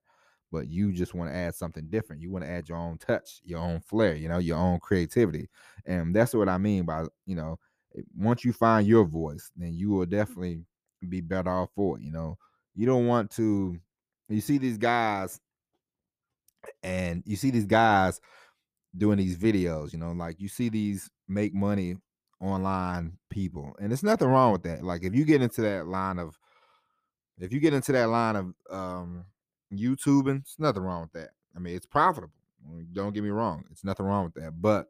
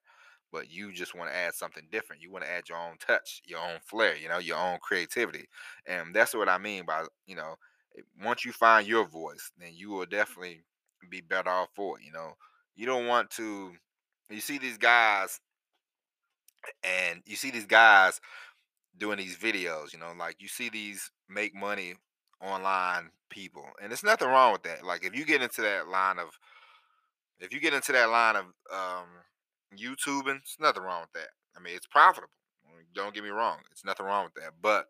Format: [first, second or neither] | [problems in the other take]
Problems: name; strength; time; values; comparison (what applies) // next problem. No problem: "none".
first | thin; very; fading below 700 Hz